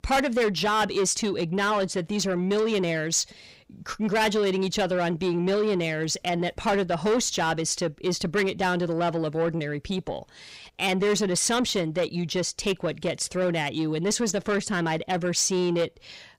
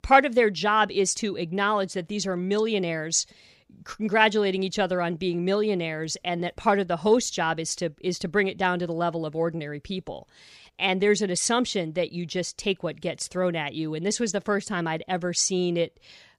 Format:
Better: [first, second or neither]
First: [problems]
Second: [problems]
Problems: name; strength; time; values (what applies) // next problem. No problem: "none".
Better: second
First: distortion; heavy; 8 dB below the speech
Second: none